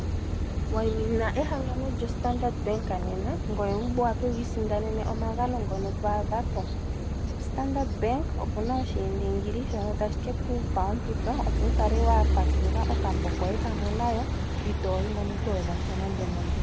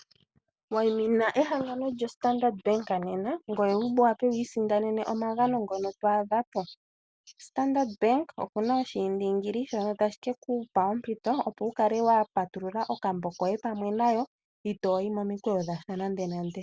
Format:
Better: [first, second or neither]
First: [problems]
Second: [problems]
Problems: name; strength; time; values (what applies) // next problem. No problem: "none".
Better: second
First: background sound (Car passing by / Idling / Accelerating, revving, vroom); 3 dB above the speech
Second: none